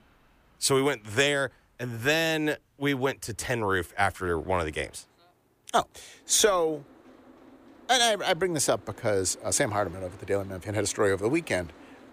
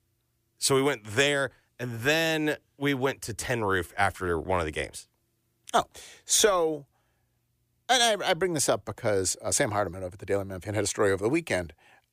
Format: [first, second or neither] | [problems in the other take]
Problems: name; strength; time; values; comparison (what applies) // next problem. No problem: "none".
second | train or aircraft noise; faint; throughout; 25 dB below the speech